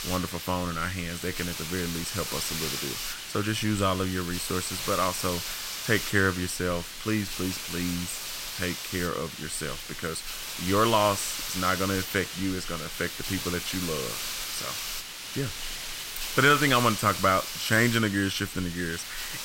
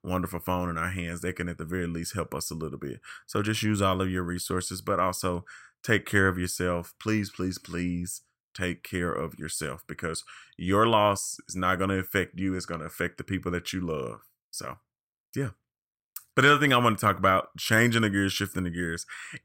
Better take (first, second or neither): second